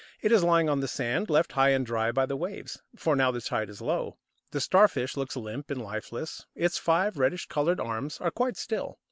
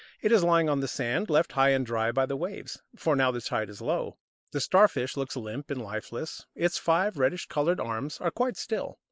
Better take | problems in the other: first | noise reduction (neural mask model Resemble Enhance denoiser)

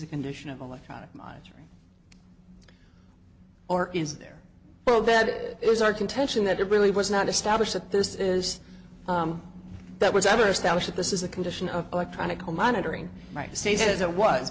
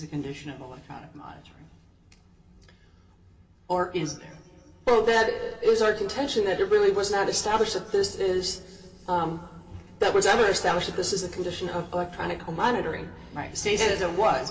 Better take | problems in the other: first | room echo; dies away in 2.7 s

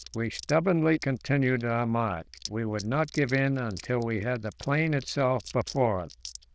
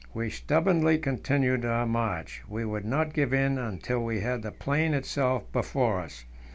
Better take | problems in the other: second | noise reduction (neural diffusion model UNIVERSE++)

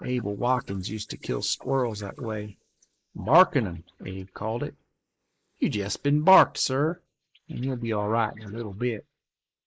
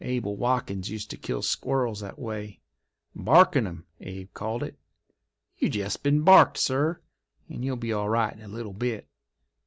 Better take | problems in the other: second | noise reduction (neural mask model Resemble Enhance denoiser)

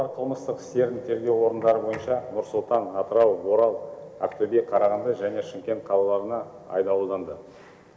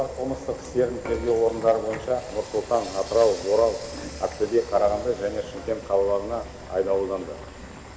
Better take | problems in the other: first | background sound (Frying (food) / Dishes, pots, and pans); 14 dB below the speech

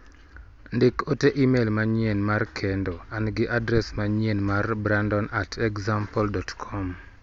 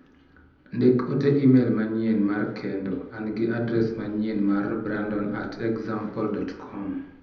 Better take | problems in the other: first | room echo; dies away in 0.8 s

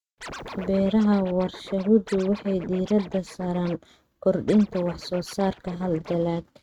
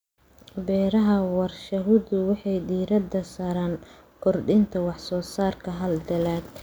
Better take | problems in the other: second | noise reduction (neural mask model RNNoise)

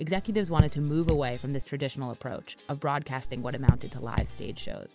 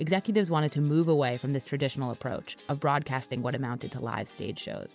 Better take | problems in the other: second | background sound (Raindrop / Drip); 3 dB above the speech

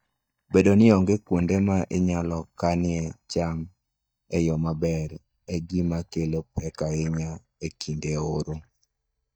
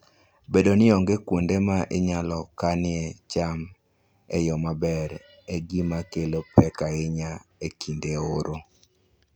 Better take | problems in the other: second | noise reduction (neural mask model DeepFilterNet 3)

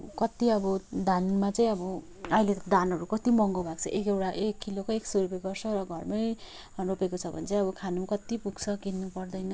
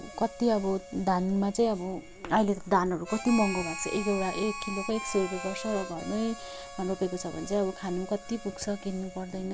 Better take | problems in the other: first | background sound (Harmonica); 12 dB below the speech

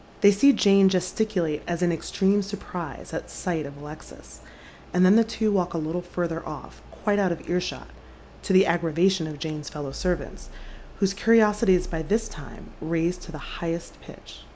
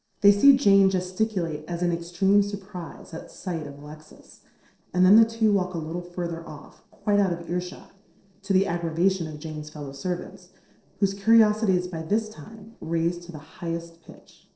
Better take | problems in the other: first | noise reduction (neural separator model SepFormer DNS4)

